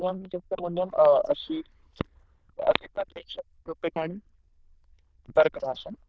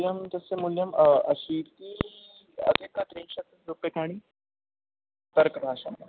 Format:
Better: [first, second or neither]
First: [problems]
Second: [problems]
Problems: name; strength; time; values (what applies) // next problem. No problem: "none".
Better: second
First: noise reduction (neural diffusion model UNIVERSE++)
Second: none